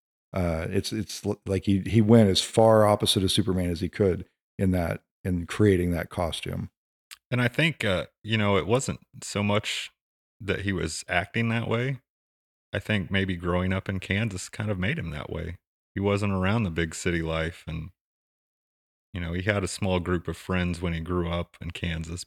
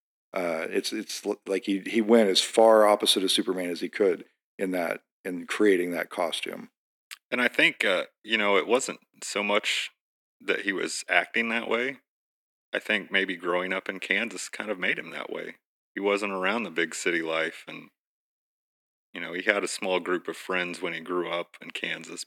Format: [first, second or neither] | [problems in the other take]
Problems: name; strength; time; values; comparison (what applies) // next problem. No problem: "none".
first | thin; somewhat; fading below 250 Hz